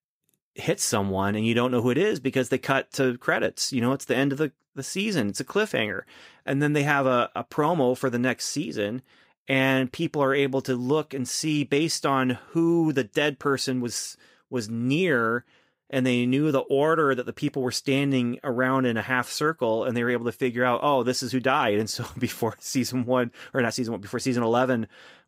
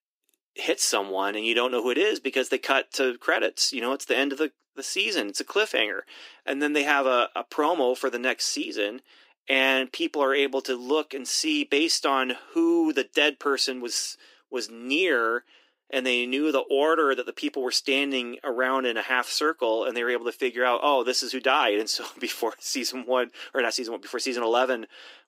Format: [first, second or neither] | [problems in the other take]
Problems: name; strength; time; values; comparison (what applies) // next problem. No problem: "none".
first | thin; somewhat; fading below 300 Hz